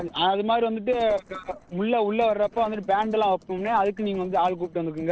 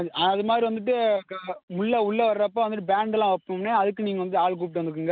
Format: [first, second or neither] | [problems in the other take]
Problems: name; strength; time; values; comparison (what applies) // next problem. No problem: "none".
second | noise reduction (neural separator model SepFormer DNS4)